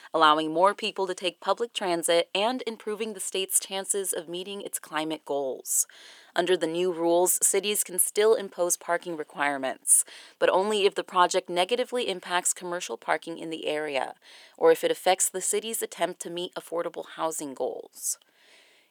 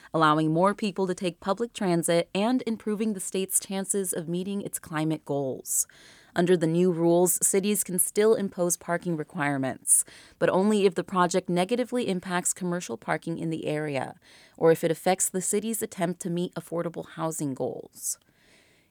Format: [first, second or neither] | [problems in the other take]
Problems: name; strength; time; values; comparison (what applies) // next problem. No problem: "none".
second | thin; somewhat; fading below 450 Hz